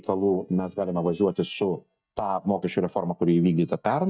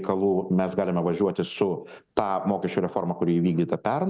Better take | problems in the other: second | noise reduction (neural mask model DeepFilterNet 3)

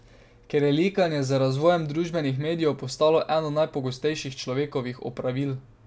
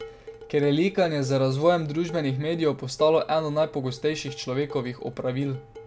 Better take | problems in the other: first | background sound (Dishes, pots, and pans); 18 dB below the speech

